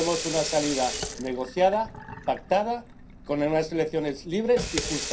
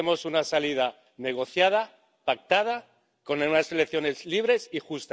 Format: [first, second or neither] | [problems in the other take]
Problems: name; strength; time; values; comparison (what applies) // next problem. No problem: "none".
second | background sound (Sink (filling or washing) / Water tap, faucet); 9 dB below the speech // room echo; dies away in 0.3 s